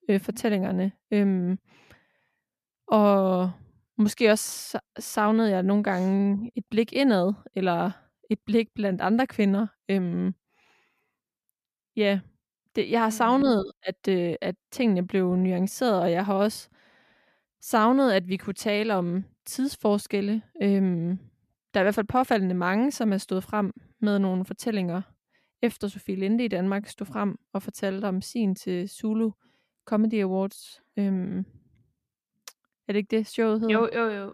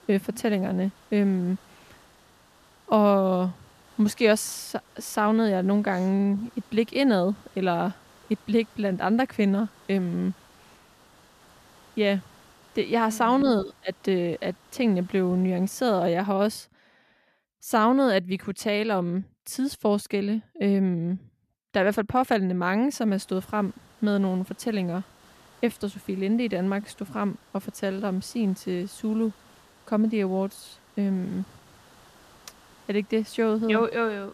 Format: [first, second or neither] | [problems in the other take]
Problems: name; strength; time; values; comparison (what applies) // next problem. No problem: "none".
first | hiss; faint; until 16 s and from 23 s on; 30 dB below the speech